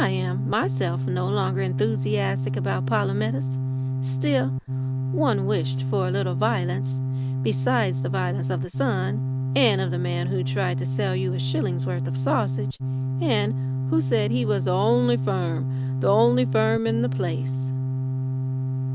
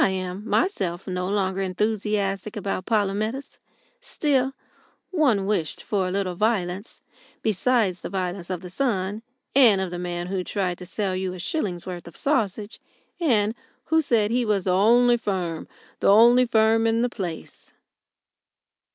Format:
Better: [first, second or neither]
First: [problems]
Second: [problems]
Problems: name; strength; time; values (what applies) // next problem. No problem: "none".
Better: second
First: background sound (Organ); 1 dB above the speech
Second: none